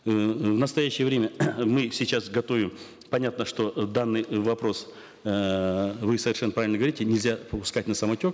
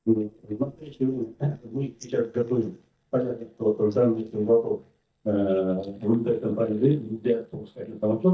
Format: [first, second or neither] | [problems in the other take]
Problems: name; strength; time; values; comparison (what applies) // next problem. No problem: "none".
first | noise reduction (neural mask model DeepFilterNet 3)